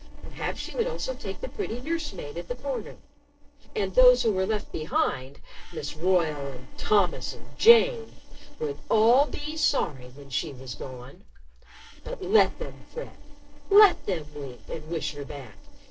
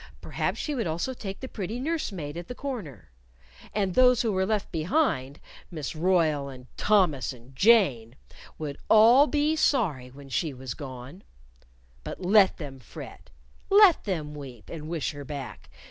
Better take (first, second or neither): second